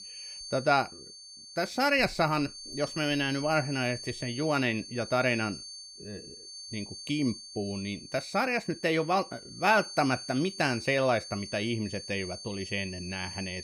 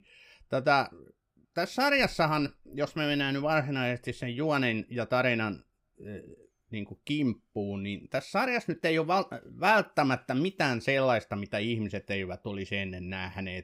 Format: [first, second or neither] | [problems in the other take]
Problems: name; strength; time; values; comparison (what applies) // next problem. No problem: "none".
second | high-pitched whine; noticeable; throughout; 4.5 kHz, 10 dB below the speech